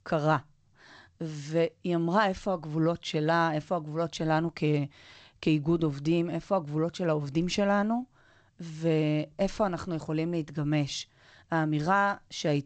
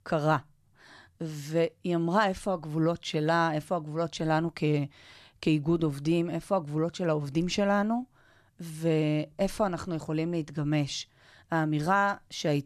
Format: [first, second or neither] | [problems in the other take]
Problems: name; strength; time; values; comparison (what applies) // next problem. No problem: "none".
second | garbled, watery; slightly; nothing above 7.5 kHz